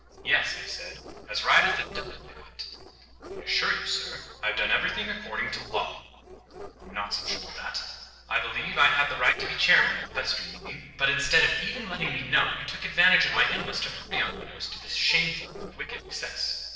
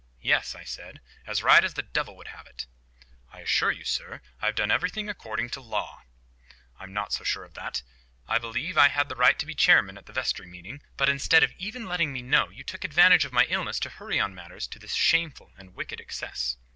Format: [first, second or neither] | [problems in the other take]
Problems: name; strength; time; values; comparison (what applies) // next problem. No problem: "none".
second | noise reduction (neural separator model SepFormer DNS4)